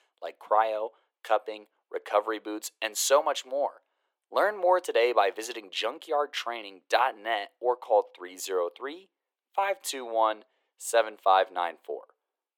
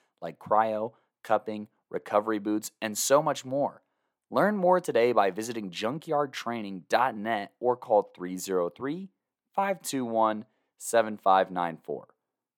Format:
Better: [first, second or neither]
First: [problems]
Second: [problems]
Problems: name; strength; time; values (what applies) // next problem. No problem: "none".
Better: second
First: thin; very; fading below 400 Hz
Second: none